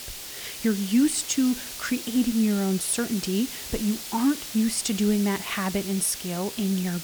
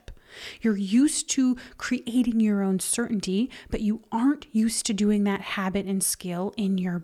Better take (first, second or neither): second